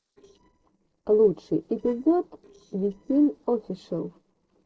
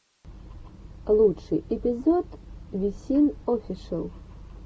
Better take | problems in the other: second | noise reduction (neural separator model SepFormer DNS4)

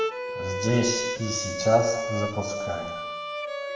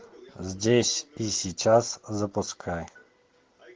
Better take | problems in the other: second | background sound (Bowed string instrument); 4 dB below the speech // room echo; dies away in 0.9 s

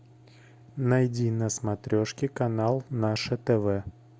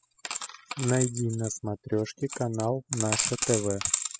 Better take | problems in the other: first | noise reduction (classical method spectral subtraction)

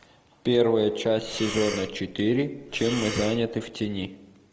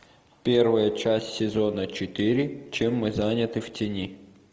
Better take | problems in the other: second | background sound (Breathing); 10 dB below the speech

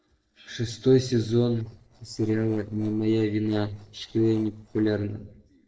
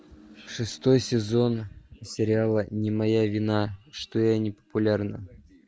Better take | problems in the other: second | noise reduction (neural separator model SepFormer DNS4)

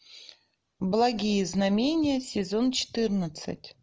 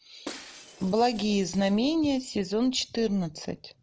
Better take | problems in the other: first | background sound (Shatter); 20 dB below the speech

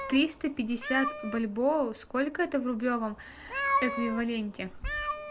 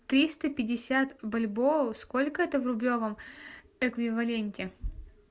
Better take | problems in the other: second | background sound (Meow); 6 dB below the speech

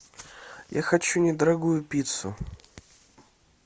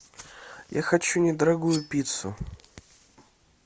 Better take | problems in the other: first | background sound (Cutlery, silverware); 17 dB below the speech

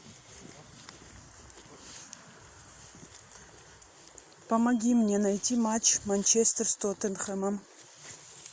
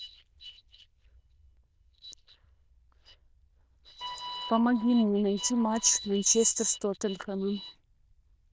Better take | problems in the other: first | noise reduction (neural diffusion model UNIVERSE++)

